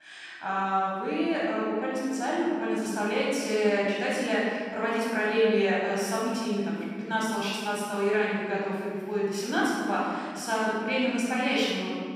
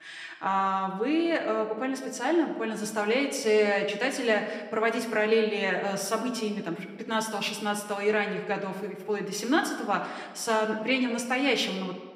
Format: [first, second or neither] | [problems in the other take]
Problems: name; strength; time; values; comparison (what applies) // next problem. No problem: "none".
second | room echo; strong; dies away in 2.2 s; slight in the second // off-mic speech; far; somewhat distant in the second